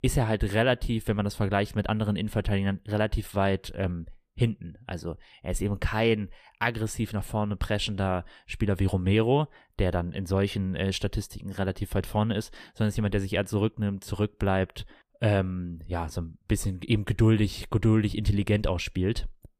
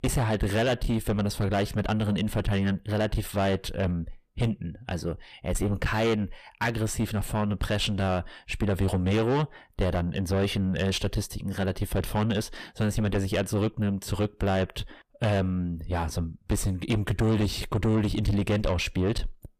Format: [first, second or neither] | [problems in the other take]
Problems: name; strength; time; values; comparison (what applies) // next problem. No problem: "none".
first | distortion; heavy; 6 dB below the speech